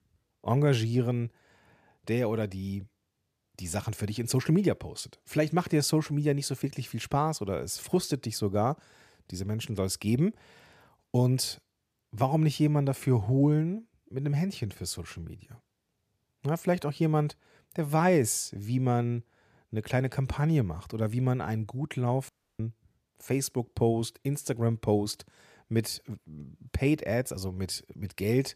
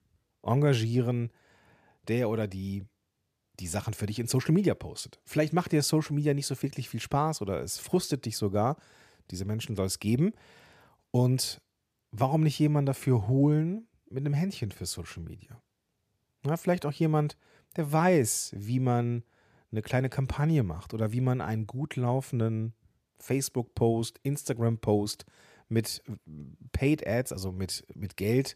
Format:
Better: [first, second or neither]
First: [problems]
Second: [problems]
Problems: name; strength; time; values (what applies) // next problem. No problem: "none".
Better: second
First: audio cutting out; at 22 s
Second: none